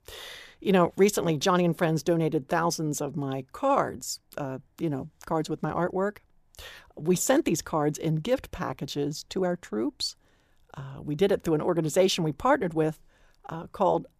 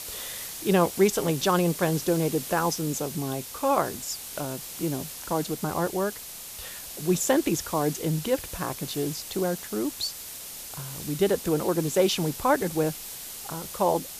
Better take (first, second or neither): first